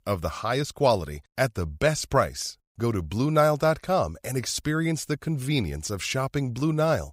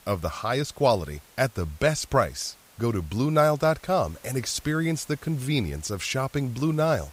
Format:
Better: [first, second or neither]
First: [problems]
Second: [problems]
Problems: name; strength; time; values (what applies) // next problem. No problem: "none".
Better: first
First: none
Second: hiss; faint; throughout; 25 dB below the speech